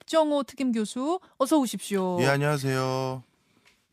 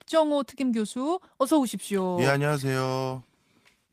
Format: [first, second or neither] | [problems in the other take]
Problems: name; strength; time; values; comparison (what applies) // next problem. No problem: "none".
first | garbled, watery; slightly; nothing above 15 kHz